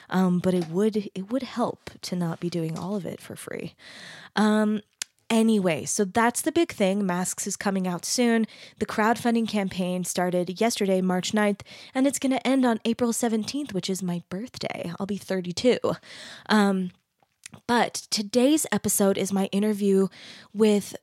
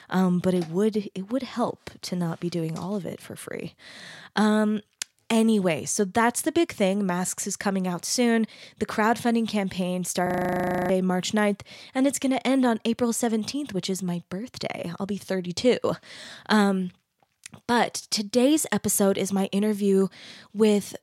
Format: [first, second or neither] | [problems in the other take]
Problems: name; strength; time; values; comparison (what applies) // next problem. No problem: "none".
first | audio freezing; at 10 s for 0.5 s